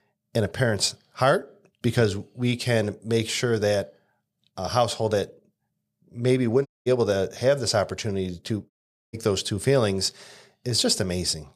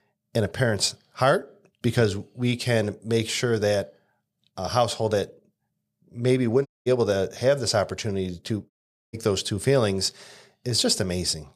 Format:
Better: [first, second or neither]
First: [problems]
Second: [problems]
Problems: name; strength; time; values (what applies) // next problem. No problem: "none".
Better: neither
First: audio cutting out; at 6.5 s and at 8.5 s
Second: audio cutting out; at 6.5 s and at 8.5 s